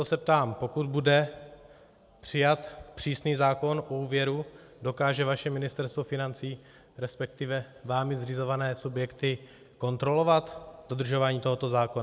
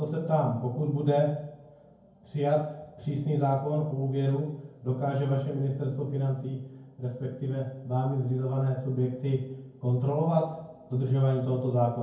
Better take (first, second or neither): first